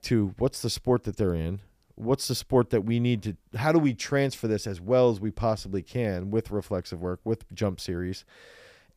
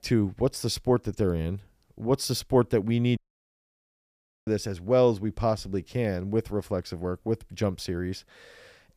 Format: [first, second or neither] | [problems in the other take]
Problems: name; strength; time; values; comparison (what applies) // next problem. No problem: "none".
first | audio cutting out; at 3 s for 1.5 s